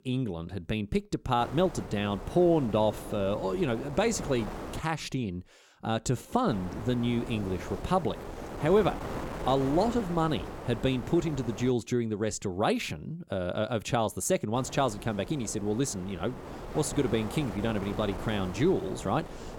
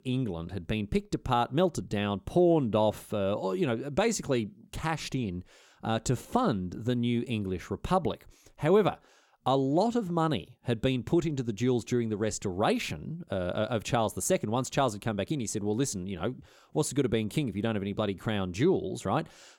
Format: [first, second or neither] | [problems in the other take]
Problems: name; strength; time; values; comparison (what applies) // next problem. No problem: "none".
second | wind noise on the microphone; occasional gusts; from 1.5 to 5 s, from 6.5 to 12 s and from 15 s on; 10 dB below the speech